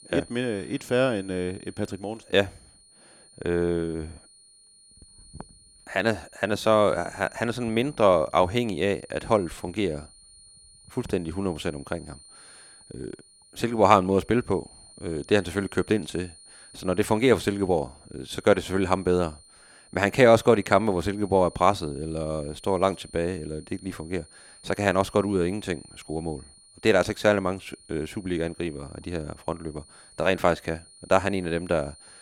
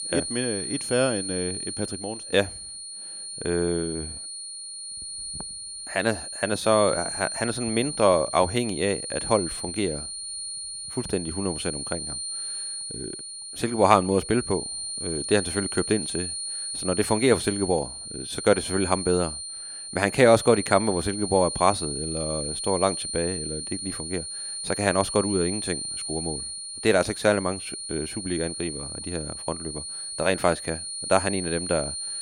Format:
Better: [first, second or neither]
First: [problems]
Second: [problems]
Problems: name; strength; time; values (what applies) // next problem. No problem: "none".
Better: first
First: high-pitched whine; faint; throughout; 9 kHz, 25 dB below the speech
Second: high-pitched whine; loud; throughout; 9 kHz, 5 dB below the speech